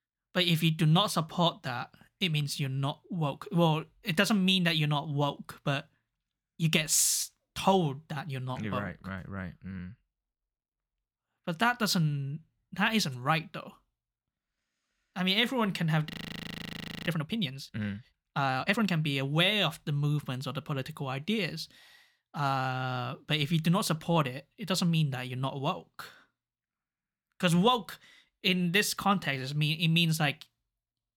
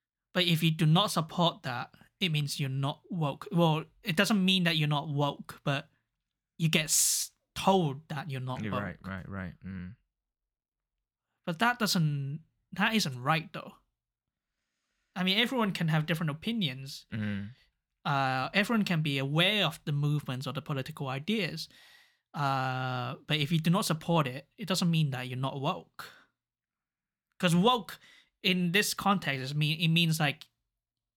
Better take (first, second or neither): second